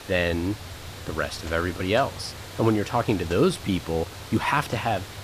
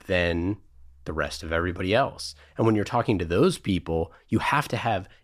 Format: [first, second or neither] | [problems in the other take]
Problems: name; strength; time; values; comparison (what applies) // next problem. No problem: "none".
second | hiss; noticeable; throughout; 15 dB below the speech